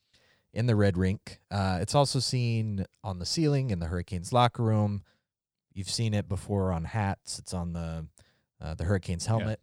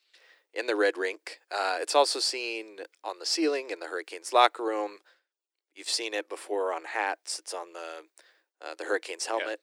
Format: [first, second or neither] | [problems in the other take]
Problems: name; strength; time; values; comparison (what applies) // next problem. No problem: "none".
first | thin; very; fading below 300 Hz